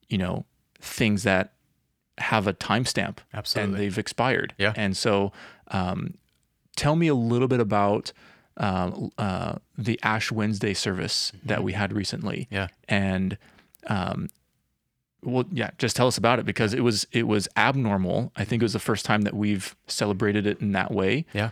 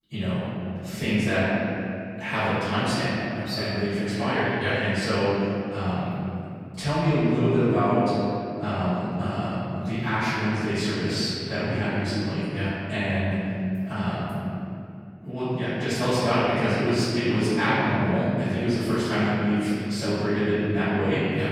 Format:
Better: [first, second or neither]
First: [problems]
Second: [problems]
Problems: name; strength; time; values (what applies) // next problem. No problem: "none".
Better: first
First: none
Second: off-mic speech; far // room echo; strong; dies away in 2.6 s